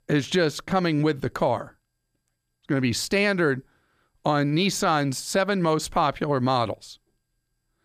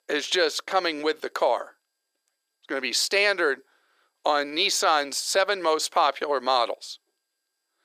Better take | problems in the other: first | thin; very; fading below 400 Hz

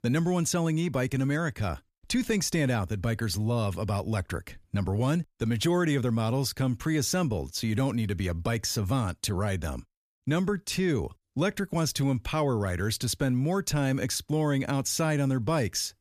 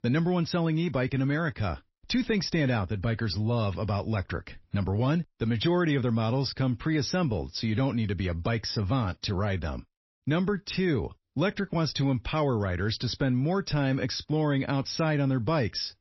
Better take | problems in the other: first | garbled, watery; slightly; nothing above 5.5 kHz

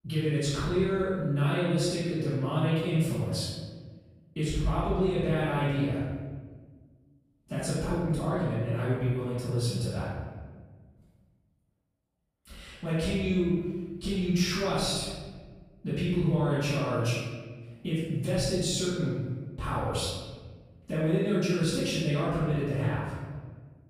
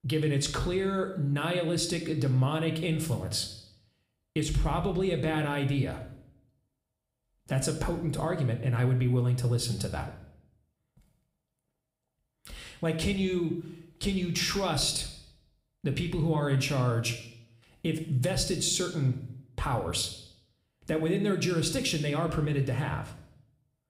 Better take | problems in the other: second | room echo; strong; dies away in 1.5 s; slight in the second // off-mic speech; far

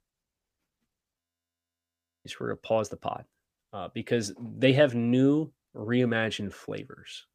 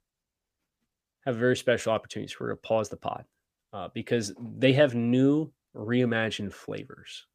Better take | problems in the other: second | audio freezing; at 1 s for 1 s

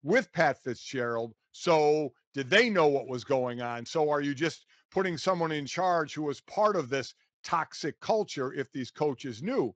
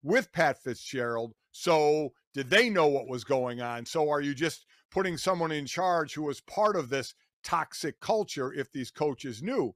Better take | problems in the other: second | garbled, watery; slightly

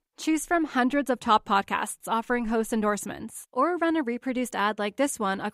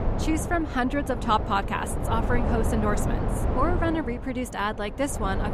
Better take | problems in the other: first | wind noise on the microphone; heavy; 7 dB below the speech

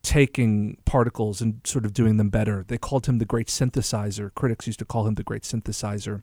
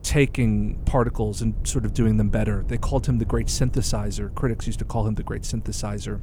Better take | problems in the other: first | low rumble; noticeable; throughout; 20 dB below the speech

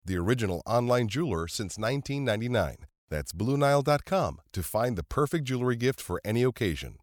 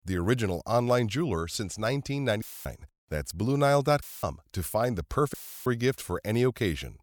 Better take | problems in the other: first | audio cutting out; filled with static; at 2.5 s, at 4 s and at 5.5 s

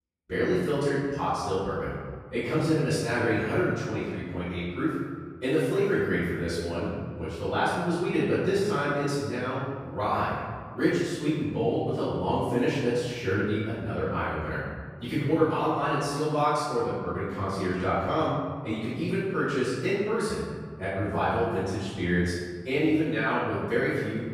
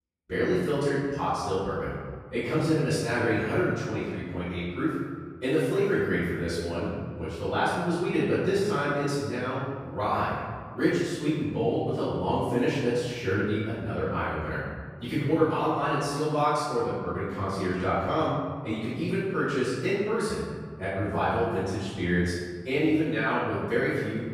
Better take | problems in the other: neither | room echo; strong; dies away in 1.7 s; the same in both // off-mic speech; far; the same in both

